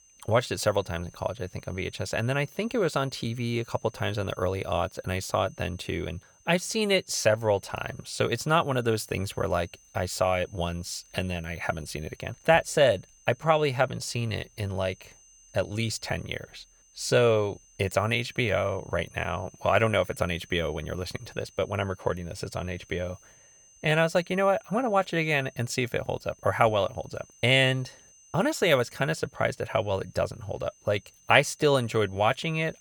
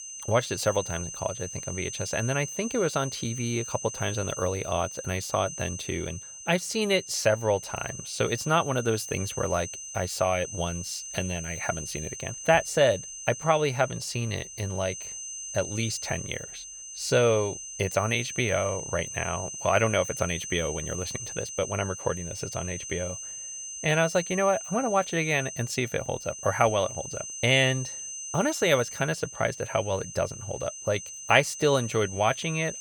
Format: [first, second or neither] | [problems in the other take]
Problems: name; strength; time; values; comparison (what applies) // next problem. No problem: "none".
first | high-pitched whine; loud; throughout; 6 kHz, 8 dB below the speech; faint in the first